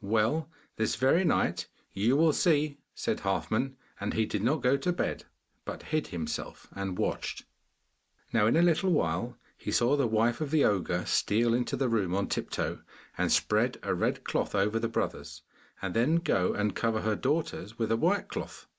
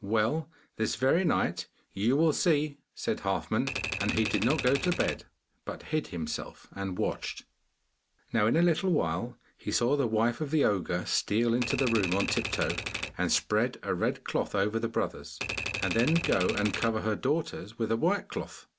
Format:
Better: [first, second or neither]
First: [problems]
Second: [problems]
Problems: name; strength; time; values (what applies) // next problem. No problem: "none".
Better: first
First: none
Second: background sound (Typewriter); 5 dB below the speech